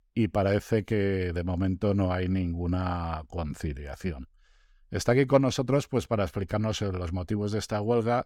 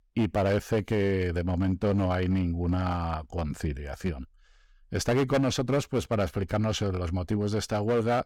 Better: first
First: none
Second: distortion; slight; 7% of the sound clipped

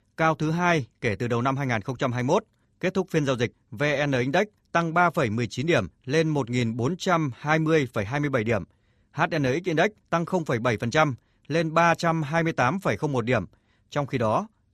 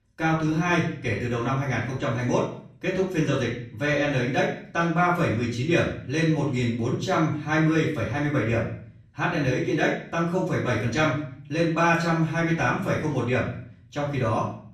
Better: first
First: none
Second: off-mic speech; far // room echo; noticeable; dies away in 0.5 s

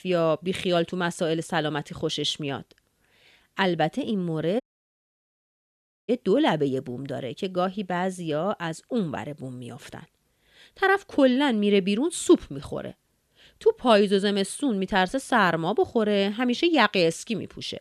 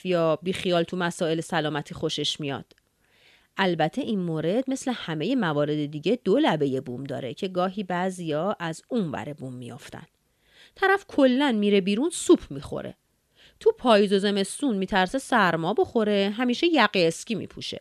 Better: second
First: audio cutting out; at 4.5 s for 1.5 s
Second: none

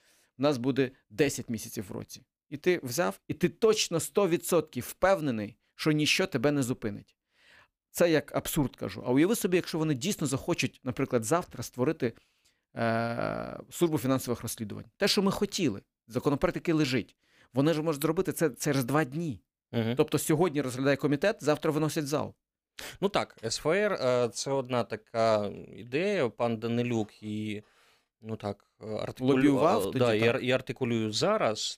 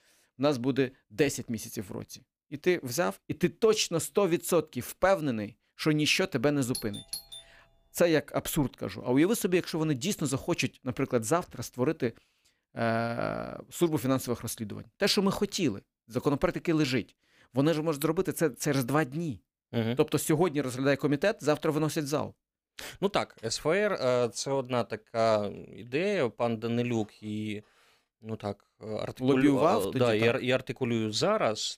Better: first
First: none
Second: doorbell; noticeable; at 6.5 s; peak 10 dB below the speech

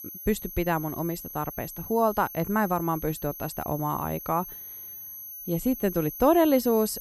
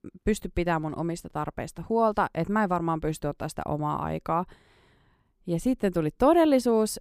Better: second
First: high-pitched whine; noticeable; throughout; 12 kHz, 10 dB below the speech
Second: none

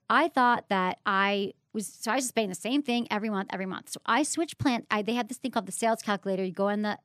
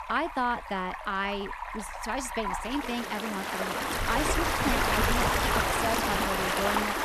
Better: first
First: none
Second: rain or running water; very loud; throughout; 4 dB above the speech

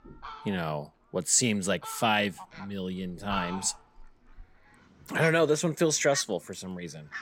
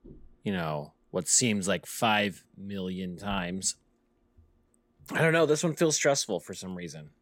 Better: second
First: animal sounds; noticeable; throughout; 15 dB below the speech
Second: none

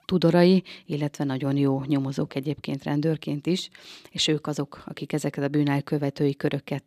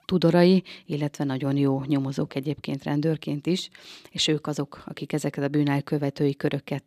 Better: neither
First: none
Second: none

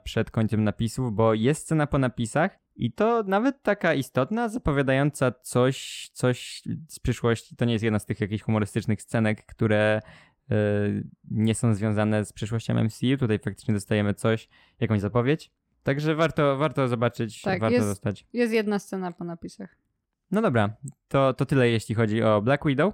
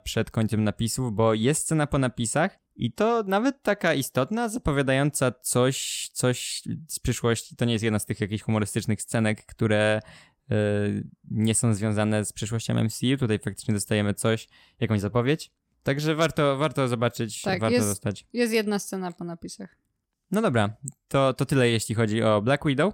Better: second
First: muffled; slightly; fading above 3.5 kHz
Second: none

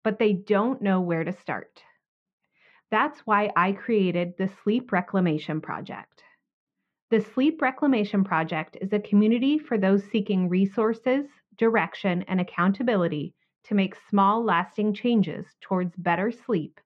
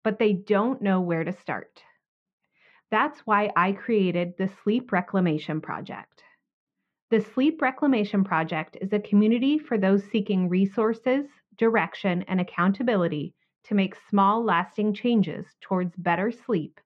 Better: neither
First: muffled; very; fading above 2 kHz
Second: muffled; very; fading above 2 kHz

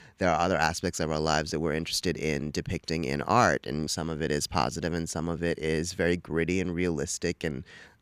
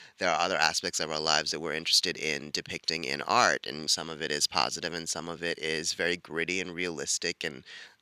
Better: first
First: none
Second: thin; somewhat; fading below 550 Hz

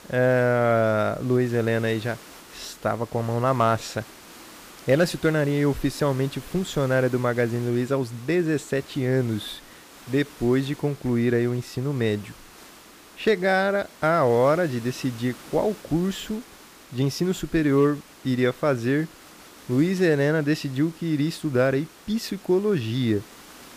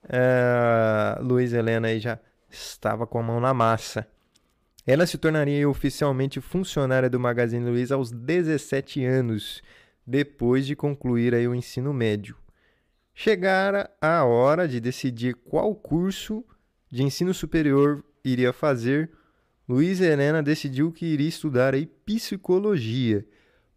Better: second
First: hiss; faint; throughout; 20 dB below the speech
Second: none

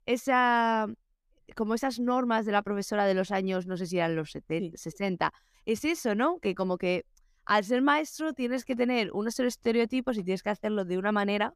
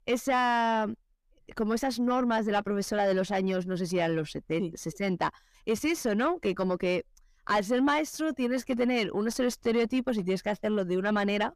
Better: first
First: none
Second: distortion; slight; 10 dB below the speech

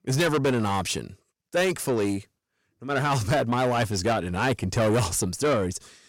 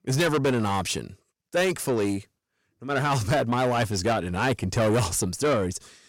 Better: neither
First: distortion; heavy; 7 dB below the speech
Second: distortion; heavy; 7 dB below the speech

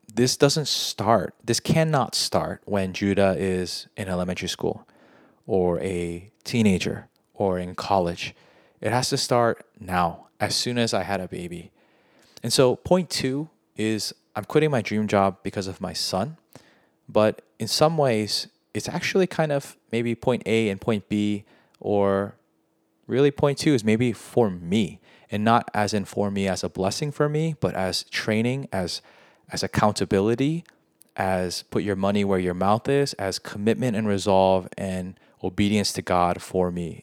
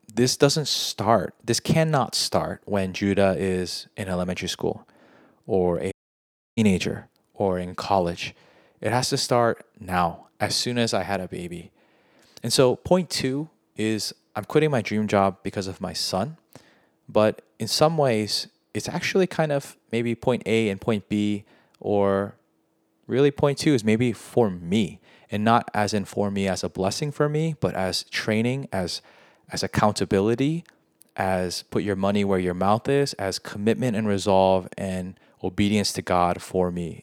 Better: first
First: none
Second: audio cutting out; at 6 s for 0.5 s

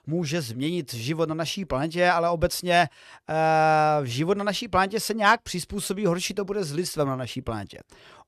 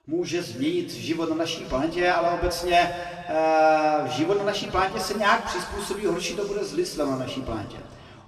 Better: first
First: none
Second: room echo; slight; dies away in 2 s // off-mic speech; far

